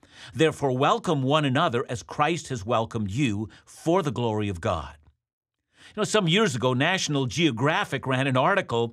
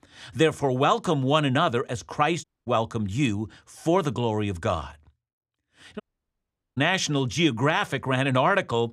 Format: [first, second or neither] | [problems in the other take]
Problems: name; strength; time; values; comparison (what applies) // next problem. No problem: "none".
first | audio cutting out; at 2.5 s and at 6 s for 1 s